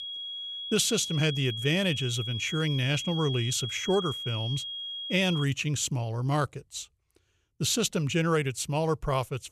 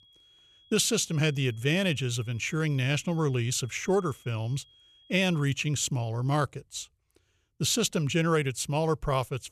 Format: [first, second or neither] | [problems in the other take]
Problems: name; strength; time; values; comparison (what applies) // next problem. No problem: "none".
second | high-pitched whine; loud; until 5.5 s; 3.5 kHz, 6 dB below the speech; faint in the second